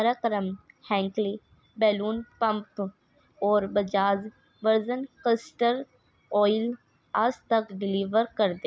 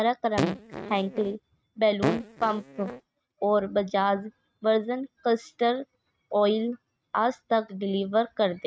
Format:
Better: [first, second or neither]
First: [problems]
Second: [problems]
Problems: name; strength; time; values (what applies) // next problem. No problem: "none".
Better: first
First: none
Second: noise reduction (neural mask model RNNoise)